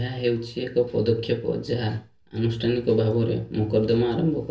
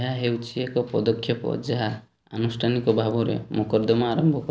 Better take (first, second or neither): second